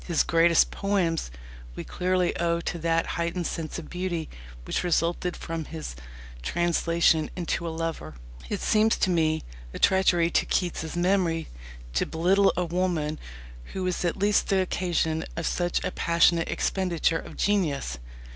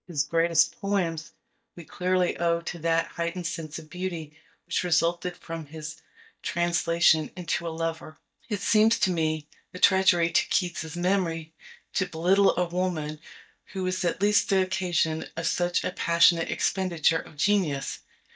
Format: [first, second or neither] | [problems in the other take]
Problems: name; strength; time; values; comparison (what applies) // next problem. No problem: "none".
first | noise reduction (neural mask model DeepFilterNet 3)